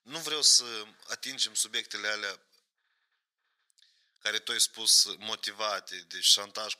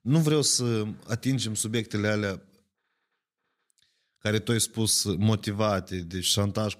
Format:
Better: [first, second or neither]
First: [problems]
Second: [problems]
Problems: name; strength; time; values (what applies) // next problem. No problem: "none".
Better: second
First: thin; very; fading below 850 Hz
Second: none